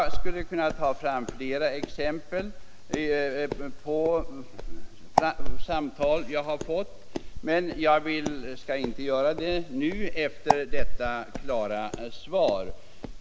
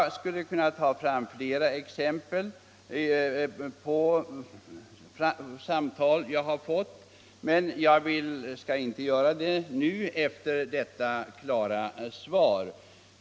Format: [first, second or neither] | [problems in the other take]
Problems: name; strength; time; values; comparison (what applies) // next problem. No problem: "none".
second | background sound (Walk, footsteps); 2 dB above the speech